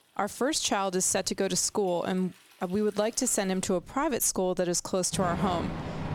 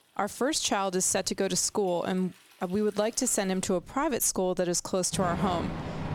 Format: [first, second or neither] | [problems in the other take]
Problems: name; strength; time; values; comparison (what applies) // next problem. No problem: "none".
neither | rain or running water; loud; throughout; 9 dB below the speech; the same in both